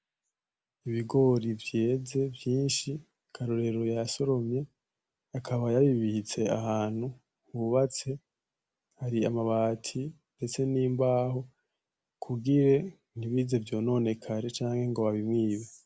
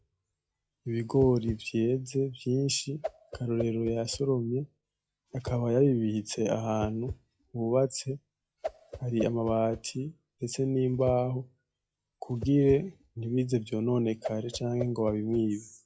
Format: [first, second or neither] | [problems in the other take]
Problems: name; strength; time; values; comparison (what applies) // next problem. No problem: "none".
first | noise reduction (classical method log-MMSE)